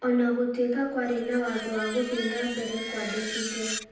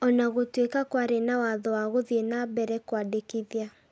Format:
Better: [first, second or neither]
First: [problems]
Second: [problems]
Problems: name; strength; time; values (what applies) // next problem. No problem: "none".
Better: second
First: background sound (Screech); 10 dB below the speech // room echo; dies away in 0.9 s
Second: none